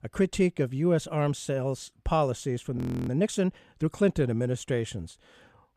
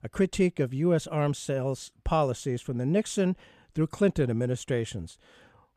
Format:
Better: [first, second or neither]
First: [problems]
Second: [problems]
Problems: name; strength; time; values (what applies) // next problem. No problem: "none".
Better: second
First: audio freezing; at 3 s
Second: none